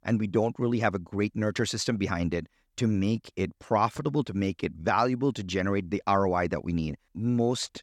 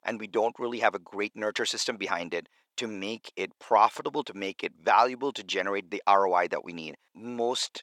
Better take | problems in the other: first | thin; very; fading below 500 Hz

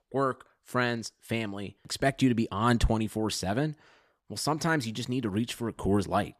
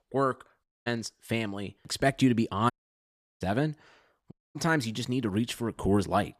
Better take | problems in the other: first | audio cutting out; at 0.5 s, at 2.5 s for 0.5 s and at 4.5 s

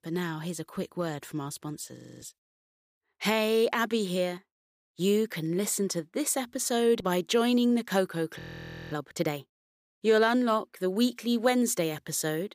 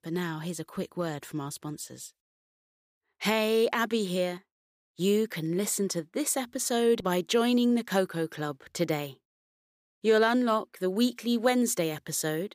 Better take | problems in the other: second | audio freezing; at 2 s and at 8.5 s for 0.5 s

